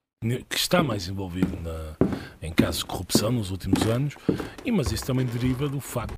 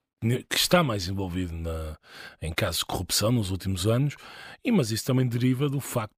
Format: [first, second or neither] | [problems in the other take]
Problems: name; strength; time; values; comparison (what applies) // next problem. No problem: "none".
second | footsteps; loud; from 1 s on; peak 1 dB above the speech